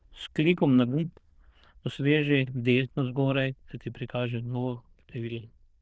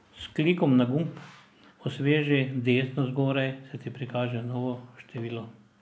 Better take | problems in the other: second | noise reduction (neural diffusion model UNIVERSE++)

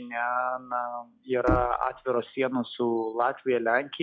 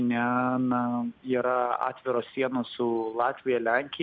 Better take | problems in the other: second | noise reduction (classical method log-MMSE)

